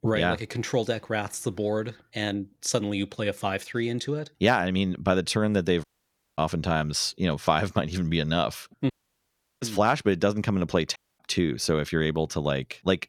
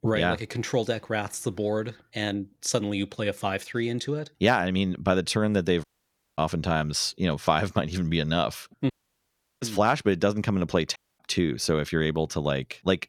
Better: neither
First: audio cutting out; at 6 s for 0.5 s, at 9 s for 0.5 s and at 11 s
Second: audio cutting out; at 6 s for 0.5 s, at 9 s for 0.5 s and at 11 s

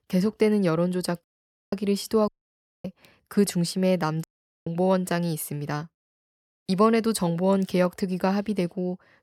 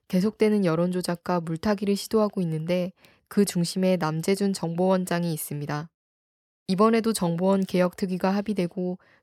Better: second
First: audio cutting out; at 1 s, at 2.5 s for 0.5 s and at 4 s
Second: none

